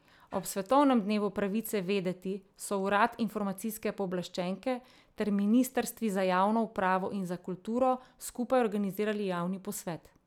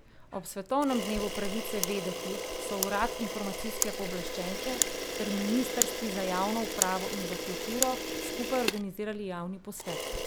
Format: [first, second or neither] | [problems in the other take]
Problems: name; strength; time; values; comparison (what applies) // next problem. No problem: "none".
first | background sound (Camera); 1 dB below the speech